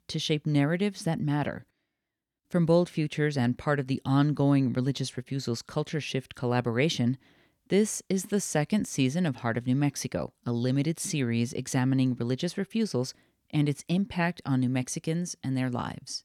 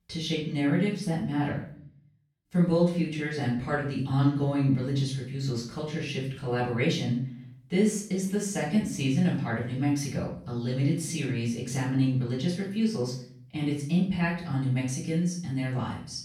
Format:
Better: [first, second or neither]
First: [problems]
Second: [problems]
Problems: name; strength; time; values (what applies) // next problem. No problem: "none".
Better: first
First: none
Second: off-mic speech; far // room echo; noticeable; dies away in 0.5 s